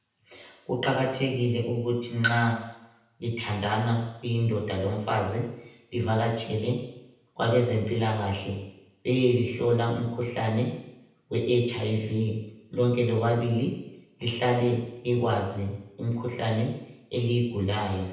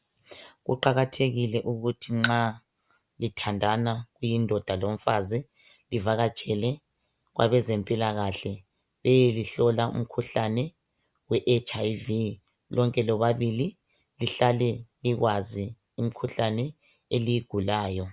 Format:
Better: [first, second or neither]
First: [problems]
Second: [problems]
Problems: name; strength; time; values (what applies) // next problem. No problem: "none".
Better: second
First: room echo; dies away in 0.9 s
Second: none